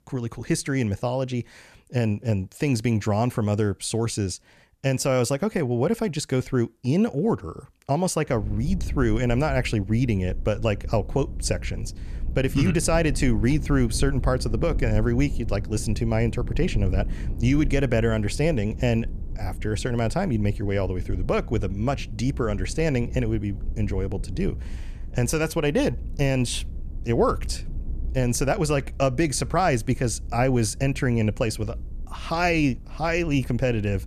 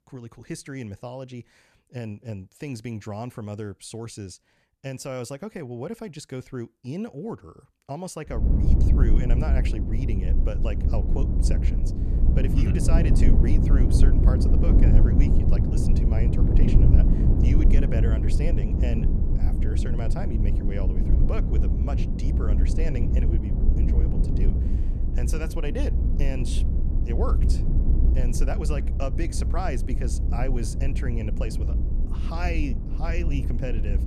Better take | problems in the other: first | low rumble; loud; from 8.5 s on; 1 dB below the speech; faint in the first

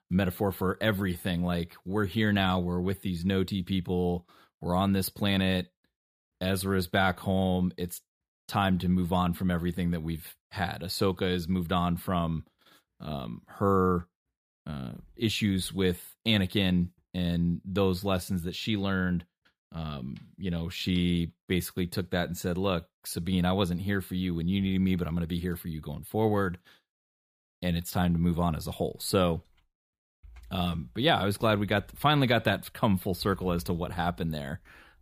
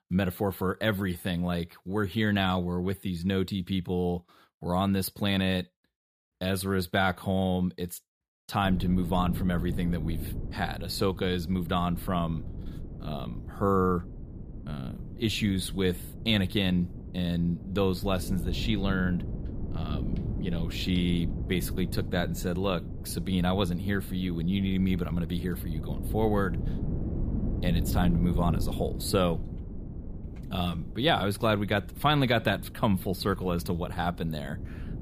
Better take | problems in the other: first | wind noise on the microphone; occasional gusts; from 8.5 s on; 15 dB below the speech

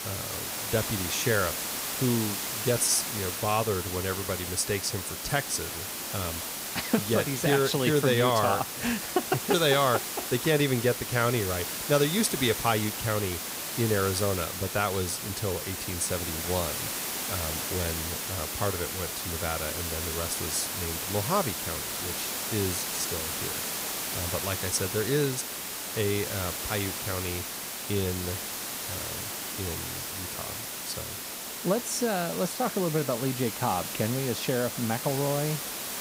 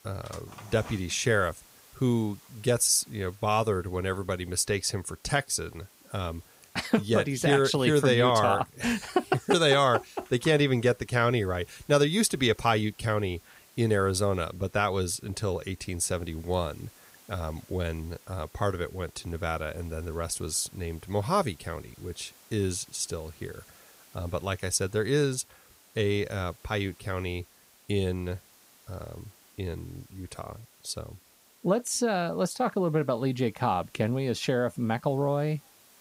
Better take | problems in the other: second | hiss; loud; throughout; 3 dB below the speech; faint in the second

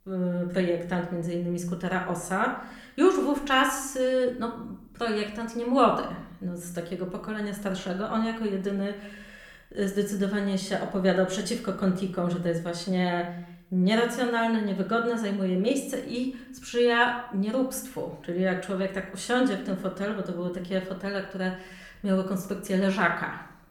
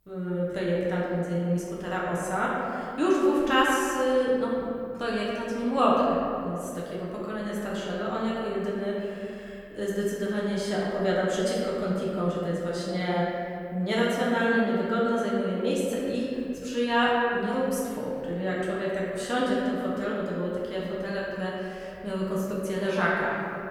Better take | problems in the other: first | room echo; strong; dies away in 2.3 s; slight in the first // off-mic speech; far; somewhat distant in the first

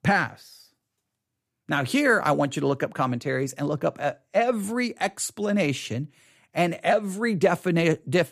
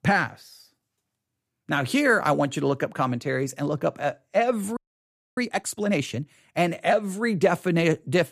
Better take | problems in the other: first | audio freezing; at 5 s for 0.5 s

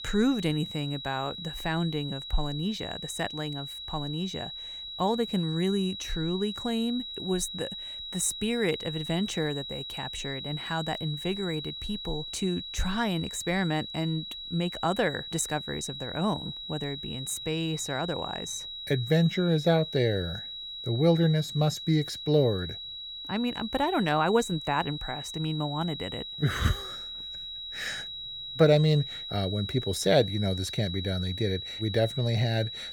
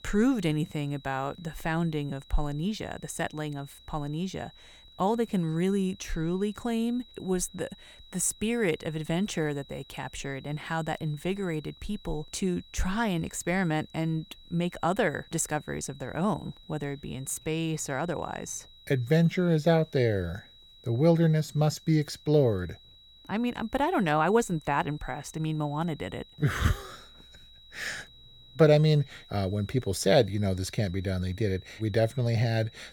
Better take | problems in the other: second | high-pitched whine; loud; throughout; 4 kHz, 7 dB below the speech; faint in the second

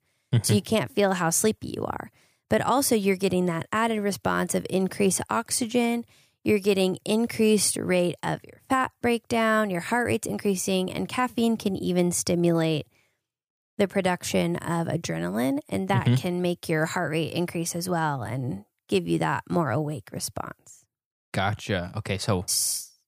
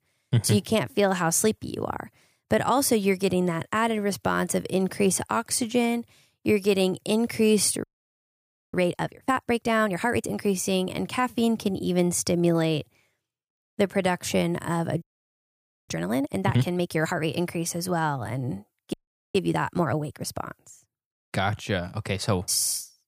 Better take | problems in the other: first | audio freezing; at 8 s for 1 s, at 15 s for 1 s and at 19 s

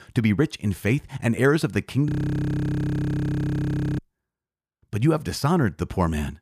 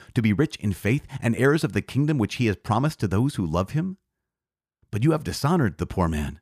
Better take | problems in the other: second | audio freezing; at 2 s for 2 s

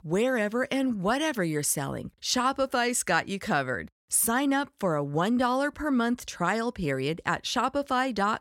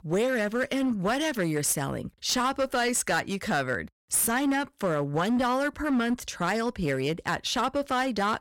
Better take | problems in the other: first | distortion; slight; 10% of the sound clipped

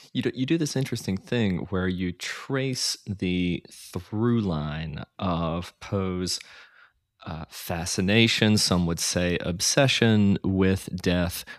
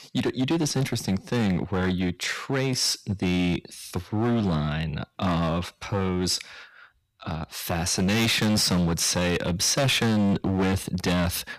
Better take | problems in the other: first | distortion; heavy; 15% of the sound clipped

